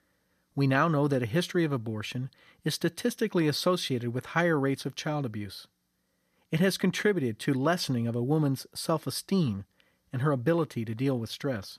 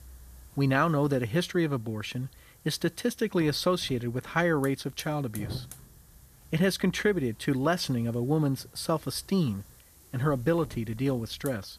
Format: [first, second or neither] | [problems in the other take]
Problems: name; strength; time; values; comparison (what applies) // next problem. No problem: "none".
first | hiss; noticeable; throughout; 20 dB below the speech